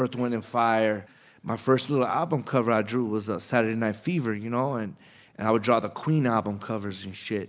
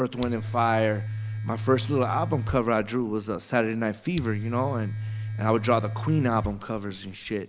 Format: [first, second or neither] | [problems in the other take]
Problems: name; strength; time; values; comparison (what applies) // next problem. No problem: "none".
first | background sound (Domestic sounds, home sounds); 6 dB below the speech